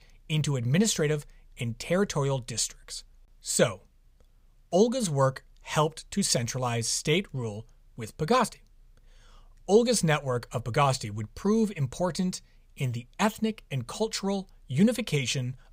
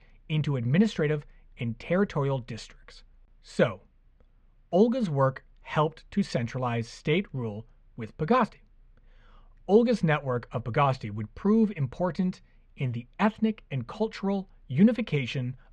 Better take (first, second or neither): first